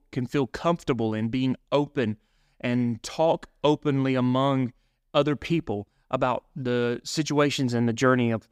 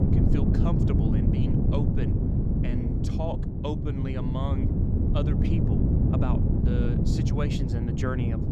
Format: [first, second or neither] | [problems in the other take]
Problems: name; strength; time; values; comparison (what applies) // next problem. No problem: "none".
first | wind noise on the microphone; heavy; 2 dB above the speech